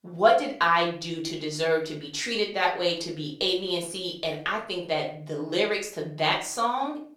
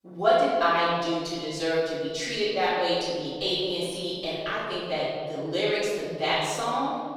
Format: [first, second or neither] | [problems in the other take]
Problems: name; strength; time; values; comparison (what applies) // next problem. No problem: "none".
first | room echo; strong; dies away in 2 s; slight in the first // off-mic speech; far; far in the first